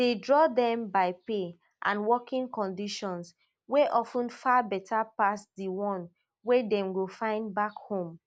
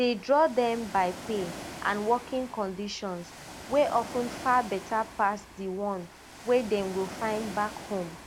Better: first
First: none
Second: background sound (Ocean); 14 dB below the speech

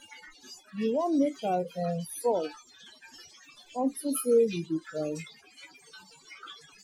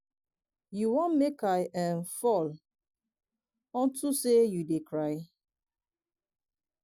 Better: second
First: noise reduction (classical method Wiener filter)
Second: none

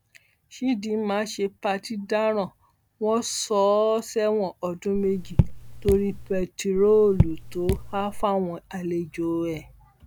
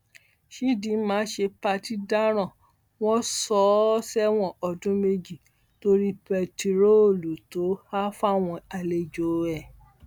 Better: second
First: background sound (Raindrop / Drip); 2 dB below the speech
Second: none

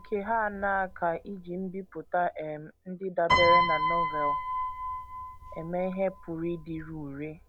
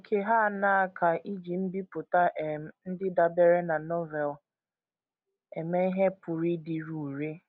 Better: second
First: background sound (Piano); as loud as the speech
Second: none

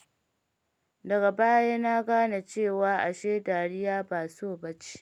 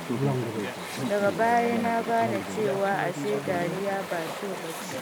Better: first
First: none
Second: background sound (Chatter / Stream); 3 dB below the speech

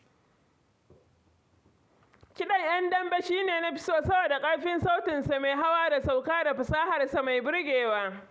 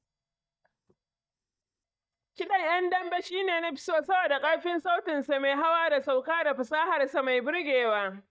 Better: first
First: none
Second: noise reduction (neural mask model DeepFilterNet 3)

